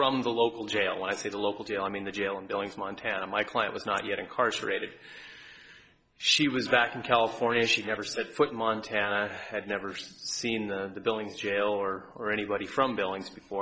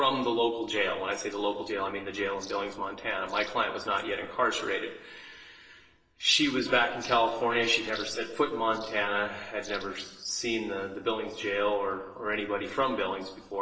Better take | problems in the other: first | noise reduction (neural separator model SepFormer DNS4)

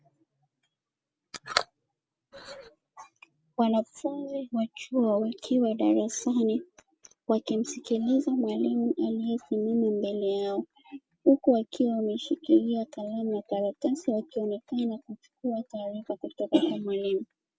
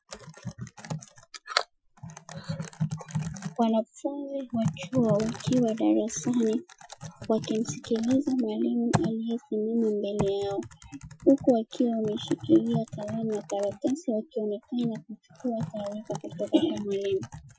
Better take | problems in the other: first | noise reduction (classical method Wiener filter)

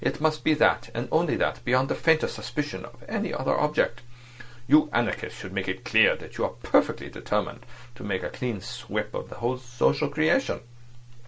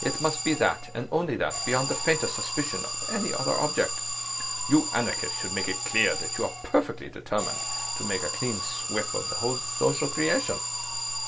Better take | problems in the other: first | background sound (Alarm); 3 dB below the speech

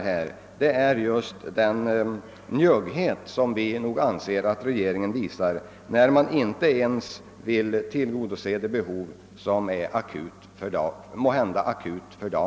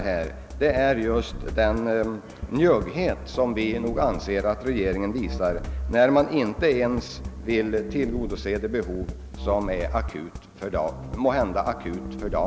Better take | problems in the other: first | background sound (Drum kit); 9 dB below the speech

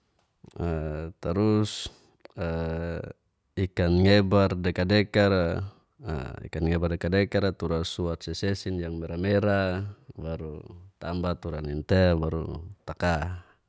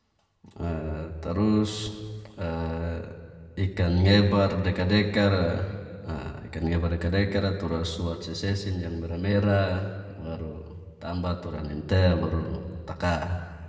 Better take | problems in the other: first | room echo; dies away in 1.4 s

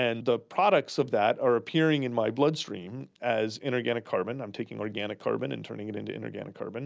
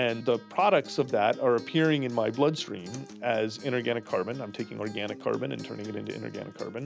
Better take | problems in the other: first | background sound (Acoustic guitar); 19 dB below the speech

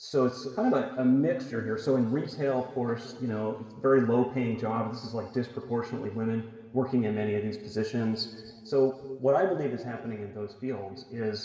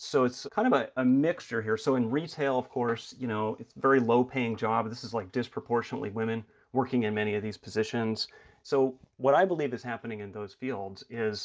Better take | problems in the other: second | room echo; dies away in 2.2 s

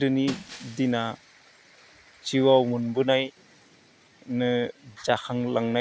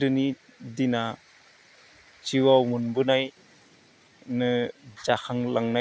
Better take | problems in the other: second | background sound (Shatter); 20 dB below the speech

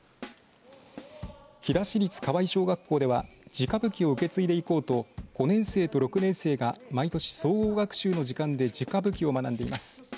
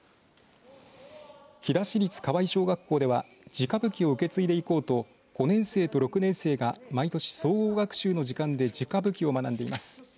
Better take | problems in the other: second | background sound (Drum / Drum kit); 19 dB below the speech

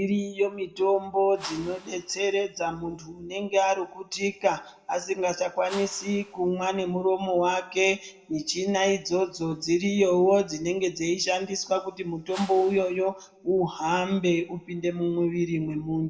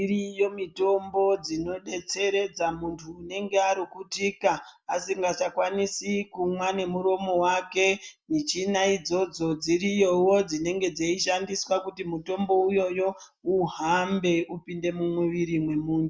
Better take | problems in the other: second | background sound (Whoosh, swoosh, swish); 18 dB below the speech // room echo; dies away in 0.8 s

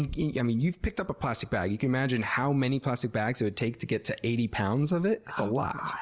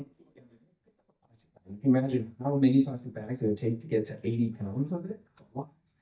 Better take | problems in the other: first | noise reduction (neural mask model DeepFilterNet 3)

